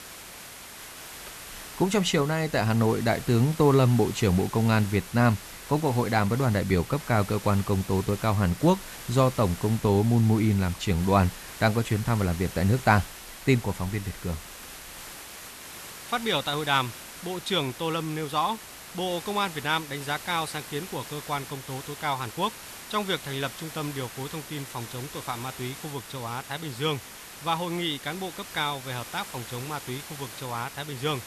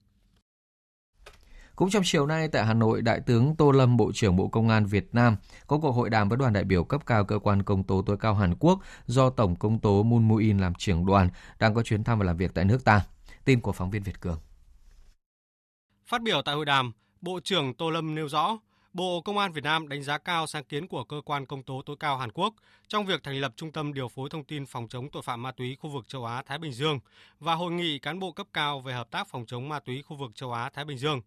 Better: second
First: hiss; noticeable; throughout; 15 dB below the speech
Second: none

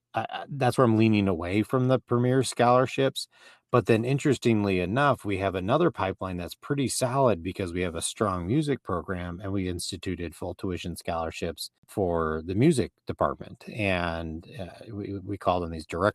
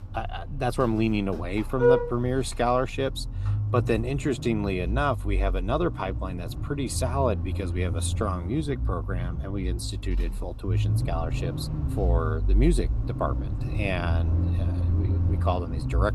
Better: first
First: none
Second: traffic noise; very loud; throughout; as loud as the speech

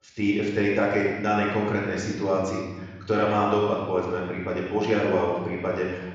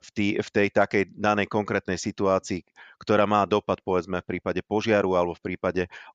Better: second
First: room echo; noticeable; dies away in 1.5 s // off-mic speech; far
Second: none

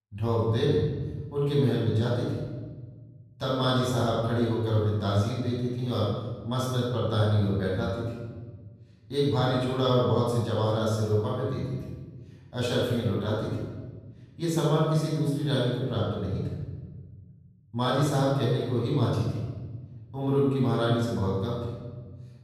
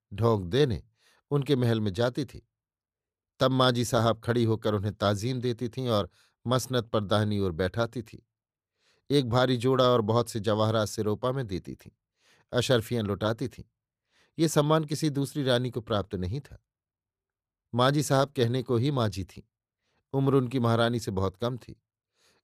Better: second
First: room echo; strong; dies away in 1.5 s // off-mic speech; far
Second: none

